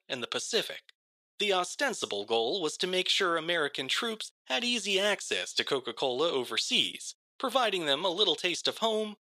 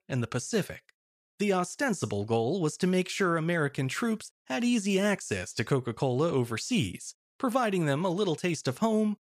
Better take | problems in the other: second | thin; somewhat; fading below 450 Hz

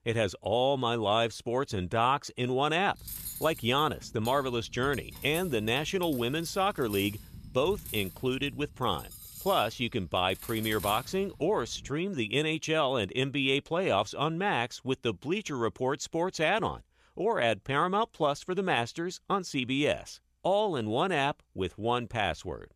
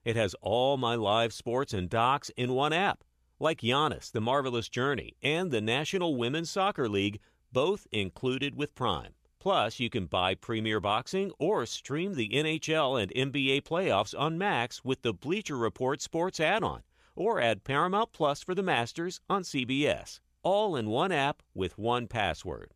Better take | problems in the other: second | clattering dishes; noticeable; from 3 to 12 s; peak 8 dB below the speech

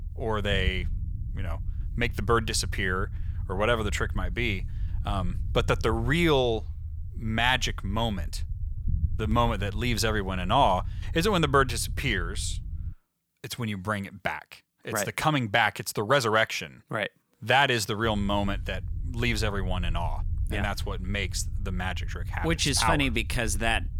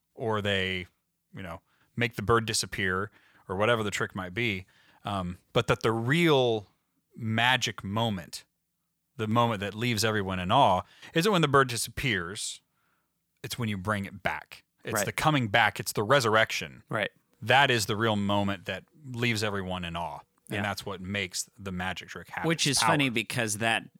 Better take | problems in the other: second | low rumble; faint; until 13 s and from 18 s on; 25 dB below the speech

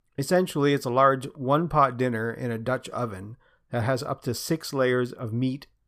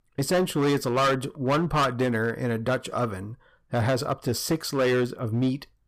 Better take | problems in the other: first | distortion; heavy; 11% of the sound clipped

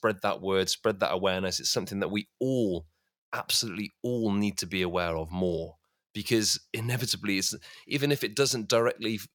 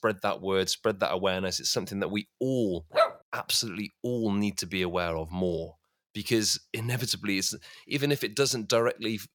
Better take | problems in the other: first | dog barking; loud; at 3 s; peak 3 dB above the speech

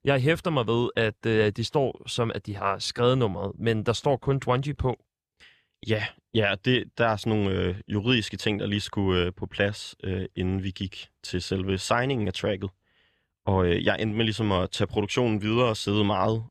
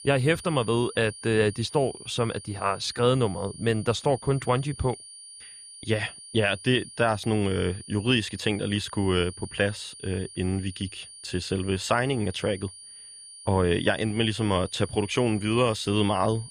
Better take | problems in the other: first | high-pitched whine; noticeable; throughout; 9.5 kHz, 15 dB below the speech

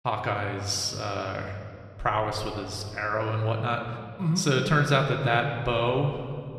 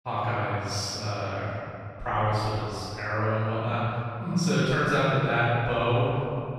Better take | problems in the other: first | room echo; strong; dies away in 2.5 s; slight in the first // off-mic speech; far

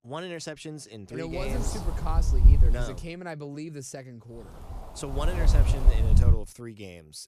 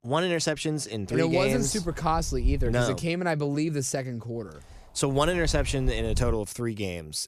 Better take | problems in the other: second | wind noise on the microphone; heavy; from 1.5 to 3 s and from 4.5 to 6.5 s; 3 dB below the speech; occasional gusts in the second

